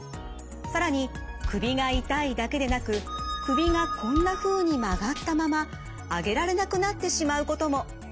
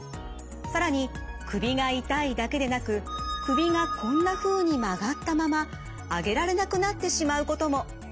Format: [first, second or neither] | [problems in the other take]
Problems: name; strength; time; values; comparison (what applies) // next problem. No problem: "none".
second | background sound (Bass drum); 8 dB below the speech